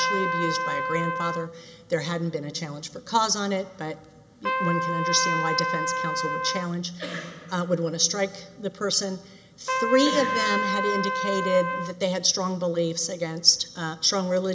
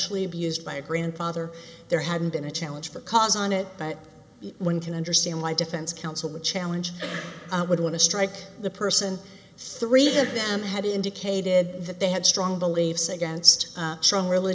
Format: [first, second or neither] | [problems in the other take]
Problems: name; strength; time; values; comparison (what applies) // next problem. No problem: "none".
second | background sound (Trumpet); 4 dB below the speech